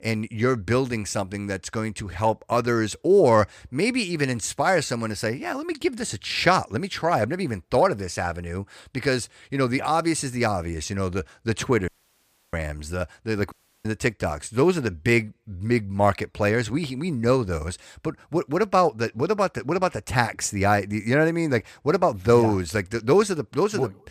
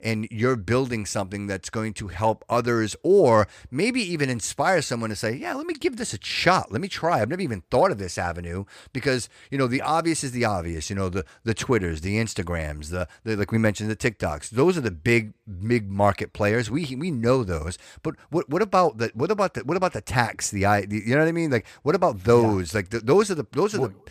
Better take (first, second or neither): second